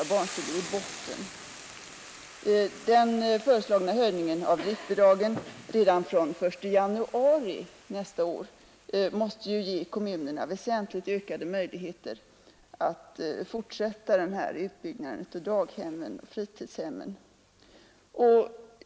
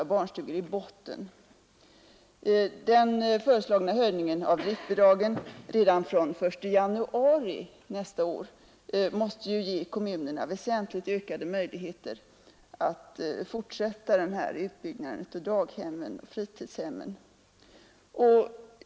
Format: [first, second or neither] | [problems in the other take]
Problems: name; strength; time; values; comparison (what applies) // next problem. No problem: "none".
second | background sound (Boiling / Hiss); 20 dB below the speech